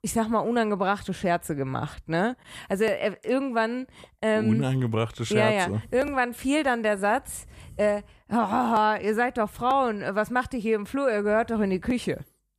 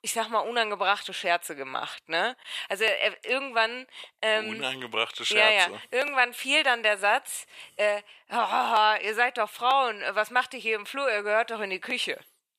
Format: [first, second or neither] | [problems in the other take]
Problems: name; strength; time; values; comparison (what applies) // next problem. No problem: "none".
first | thin; very; fading below 650 Hz